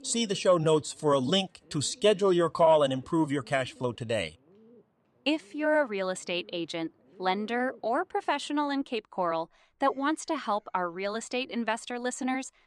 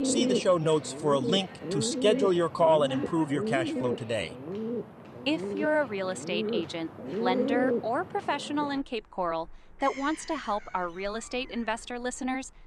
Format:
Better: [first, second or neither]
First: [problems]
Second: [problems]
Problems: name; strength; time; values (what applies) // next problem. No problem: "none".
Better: first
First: animal sounds; faint; throughout; 30 dB below the speech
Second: animal sounds; loud; throughout; 4 dB below the speech